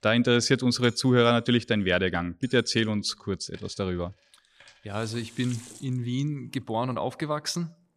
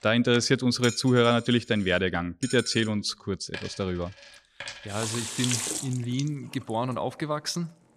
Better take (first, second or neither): first